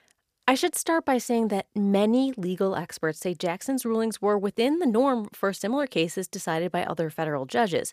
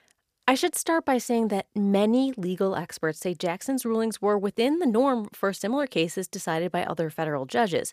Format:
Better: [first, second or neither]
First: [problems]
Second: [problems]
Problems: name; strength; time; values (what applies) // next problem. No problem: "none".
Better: neither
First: none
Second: none